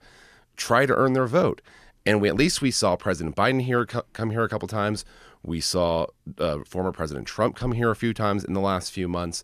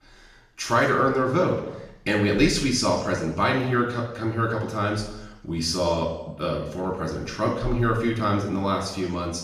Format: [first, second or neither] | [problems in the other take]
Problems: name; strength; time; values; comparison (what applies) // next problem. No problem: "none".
first | room echo; noticeable; dies away in 0.8 s // off-mic speech; far